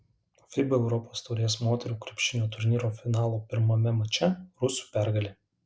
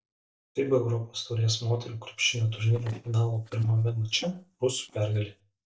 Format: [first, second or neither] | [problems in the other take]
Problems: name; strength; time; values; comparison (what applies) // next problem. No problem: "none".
first | noise reduction (neural mask model DeepFilterNet 3)